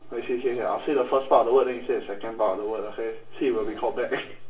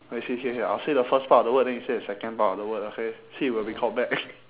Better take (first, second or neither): second